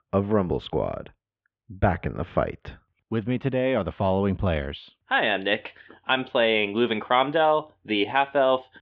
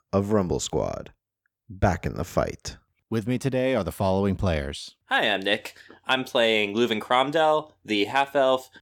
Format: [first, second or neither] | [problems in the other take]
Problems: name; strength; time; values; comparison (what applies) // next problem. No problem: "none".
second | muffled; very slightly; fading above 3 kHz